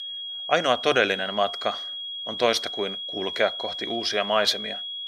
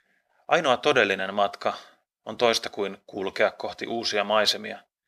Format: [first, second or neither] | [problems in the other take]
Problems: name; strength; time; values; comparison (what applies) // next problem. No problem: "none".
second | high-pitched whine; loud; throughout; 3.5 kHz, 6 dB below the speech